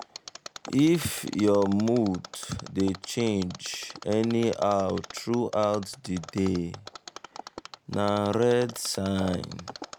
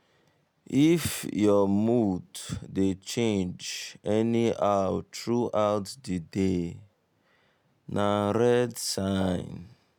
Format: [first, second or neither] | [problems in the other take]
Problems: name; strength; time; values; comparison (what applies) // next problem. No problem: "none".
second | background sound (Mechanisms); 17 dB below the speech